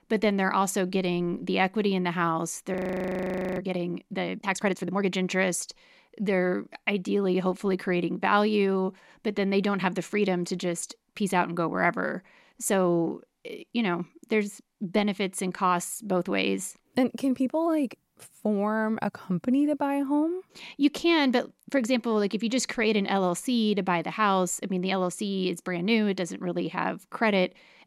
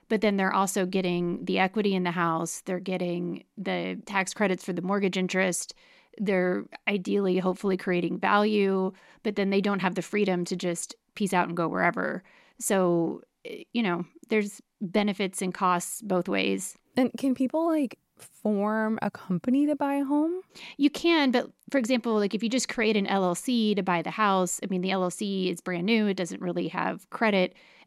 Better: second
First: audio freezing; at 2.5 s for 1 s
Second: none

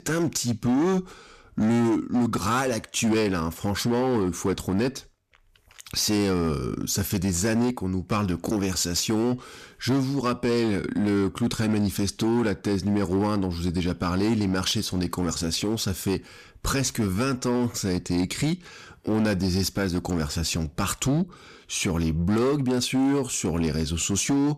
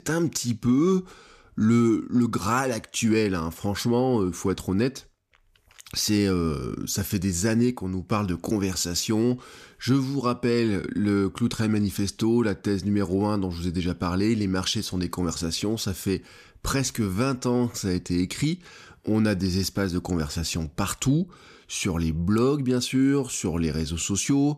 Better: second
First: distortion; slight; 13% of the sound clipped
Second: none

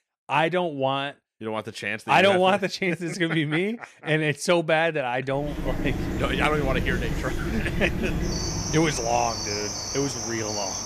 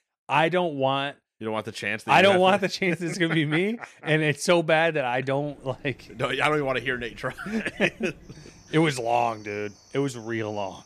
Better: second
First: animal sounds; loud; from 5.5 s on; 4 dB below the speech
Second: animal sounds; faint; from 5.5 s on; 25 dB below the speech

